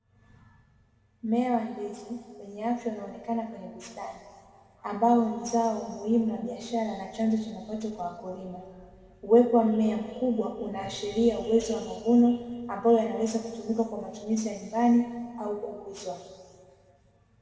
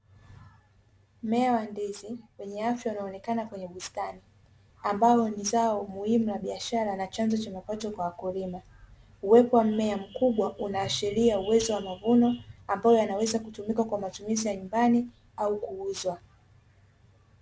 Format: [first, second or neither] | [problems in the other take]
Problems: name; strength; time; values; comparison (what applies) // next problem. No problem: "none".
second | room echo; dies away in 1.8 s